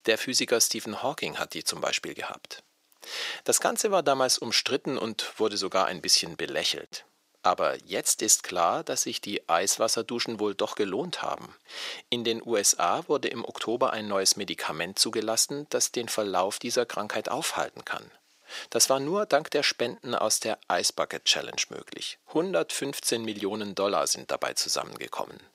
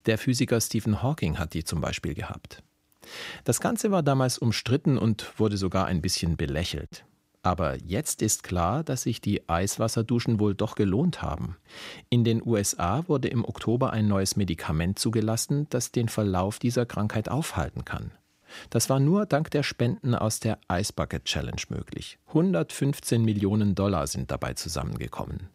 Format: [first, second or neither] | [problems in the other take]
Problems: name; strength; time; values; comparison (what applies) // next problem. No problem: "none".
second | thin; very; fading below 500 Hz